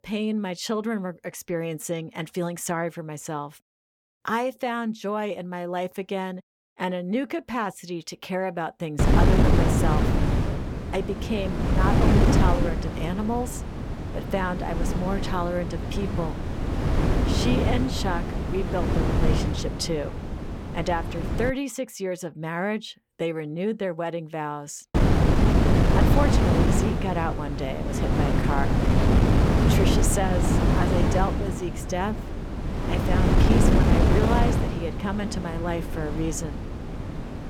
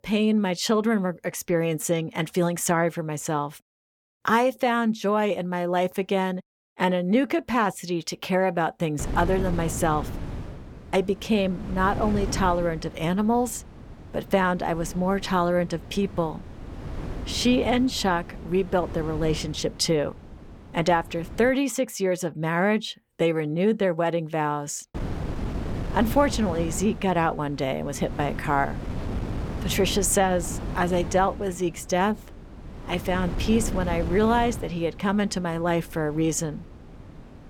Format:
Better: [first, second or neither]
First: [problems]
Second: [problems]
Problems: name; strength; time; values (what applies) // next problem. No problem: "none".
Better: second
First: wind noise on the microphone; heavy; from 9 to 22 s and from 25 s on; as loud as the speech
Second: wind noise on the microphone; occasional gusts; from 9 to 22 s and from 25 s on; 15 dB below the speech